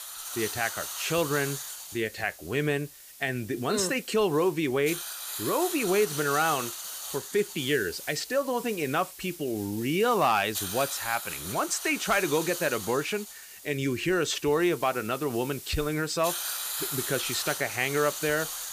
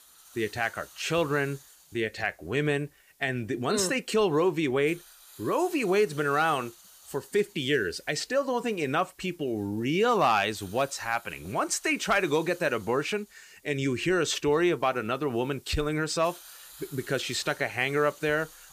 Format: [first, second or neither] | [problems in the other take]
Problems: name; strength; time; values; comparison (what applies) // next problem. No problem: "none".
second | hiss; loud; throughout; 7 dB below the speech; faint in the second